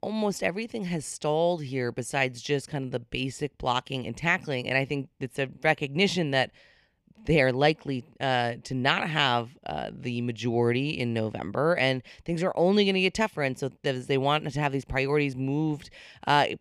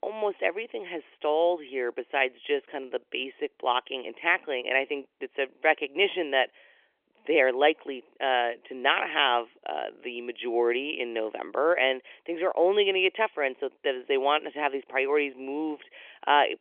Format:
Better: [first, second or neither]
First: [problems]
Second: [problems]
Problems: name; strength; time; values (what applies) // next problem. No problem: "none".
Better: first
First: none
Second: phone-call audio; nothing above 3.5 kHz